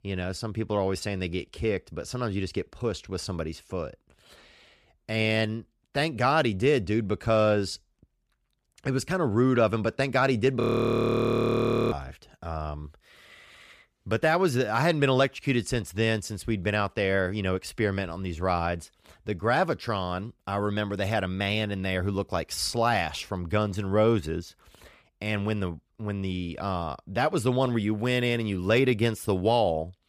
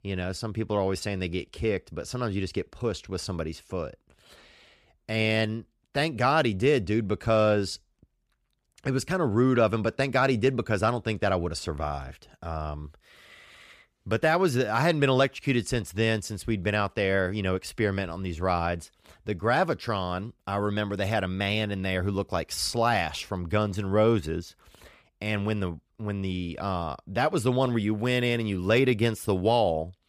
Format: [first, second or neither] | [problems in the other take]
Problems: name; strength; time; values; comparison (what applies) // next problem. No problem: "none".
second | audio freezing; at 11 s for 1.5 s